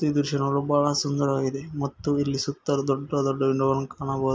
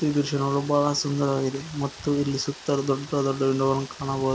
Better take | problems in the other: first | background sound (Rain); 18 dB below the speech

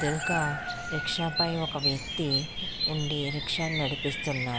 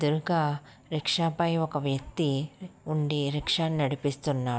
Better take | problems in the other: second | background sound (Bird vocalization, bird call, bird song); 1 dB below the speech

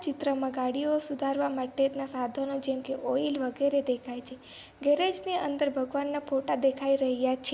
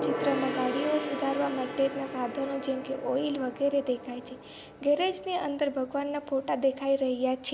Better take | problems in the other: first | background sound (Gong); 8 dB below the speech

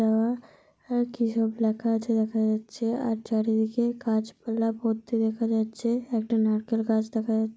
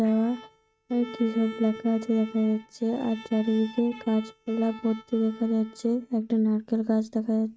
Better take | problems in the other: first | noise reduction (neural mask model RNNoise)

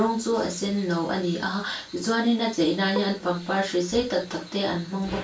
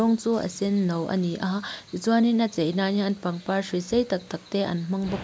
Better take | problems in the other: second | background sound (Bowed string instrument); 14 dB below the speech // room echo; dies away in 0.2 s

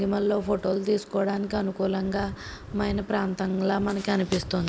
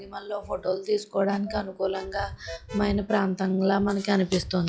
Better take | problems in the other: first | noise reduction (classical method log-MMSE)

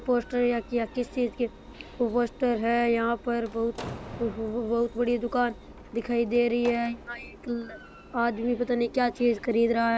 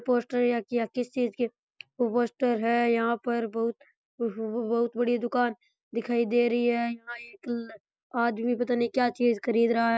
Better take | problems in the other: second | background sound (Engine + Slam); 17 dB below the speech

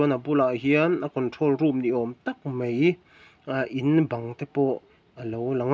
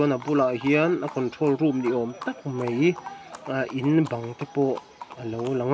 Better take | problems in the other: first | background sound (Livestock, farm animals, working animals); 17 dB below the speech

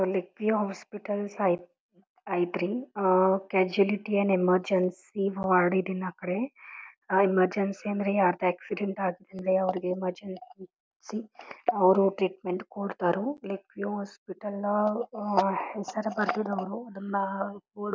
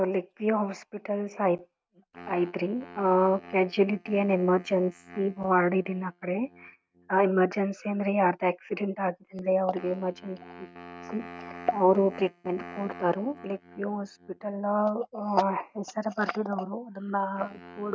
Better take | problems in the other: first | noise reduction (neural mask model RNNoise)

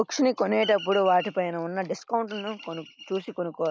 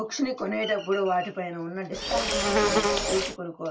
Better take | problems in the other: first | background sound (Insect); 4 dB above the speech // room echo; dies away in 0.2 s

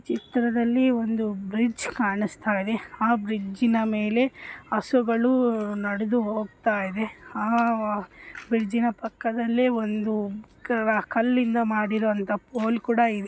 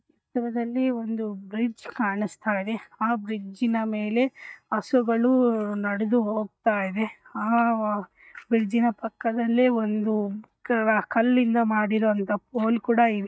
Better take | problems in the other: first | noise reduction (neural mask model DeepFilterNet 3)

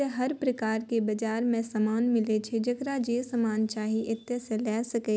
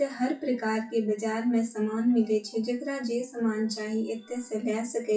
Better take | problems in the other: first | noise reduction (classical method WPE with log-MMSE)

